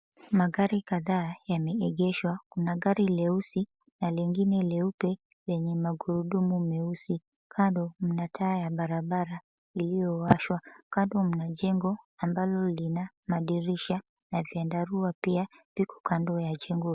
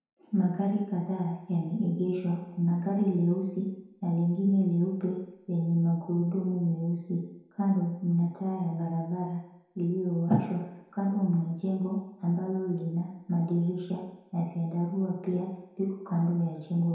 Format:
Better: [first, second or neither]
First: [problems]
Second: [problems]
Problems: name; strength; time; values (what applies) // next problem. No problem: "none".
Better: first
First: none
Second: room echo; dies away in 1 s